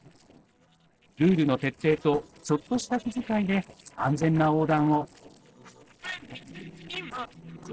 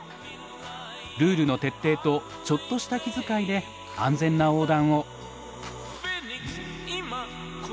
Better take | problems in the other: second | noise reduction (neural separator model SepFormer DNS4)

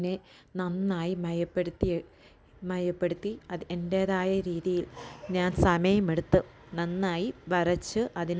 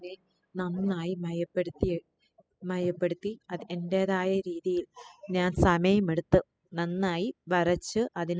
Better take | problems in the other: first | noise reduction (classical method spectral subtraction)

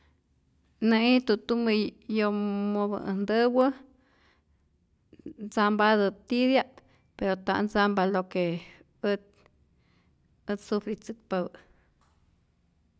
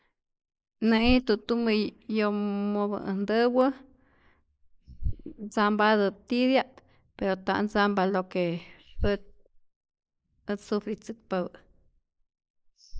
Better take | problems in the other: first | noise reduction (neural mask model Resemble Enhance denoiser)

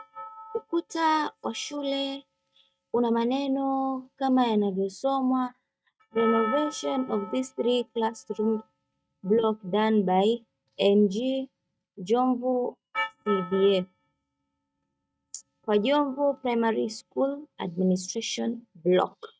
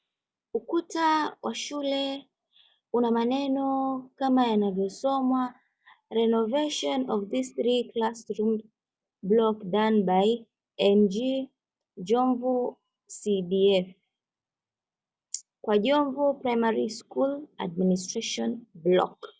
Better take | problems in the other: second | noise reduction (neural mask model RNNoise)

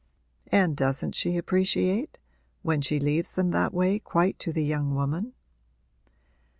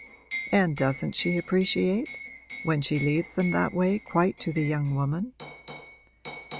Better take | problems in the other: first | background sound (Liquid); 13 dB below the speech

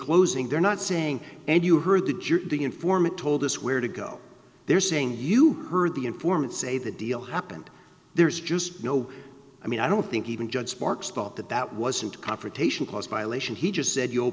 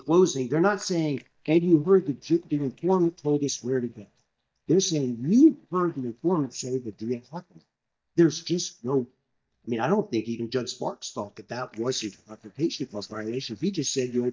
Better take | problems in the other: first | noise reduction (neural mask model DeepFilterNet 3)

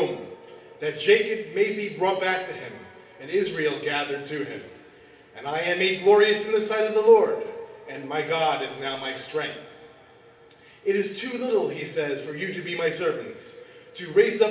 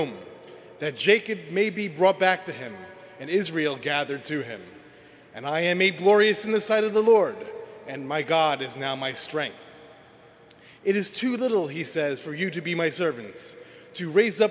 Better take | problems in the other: second | room echo; dies away in 0.6 s

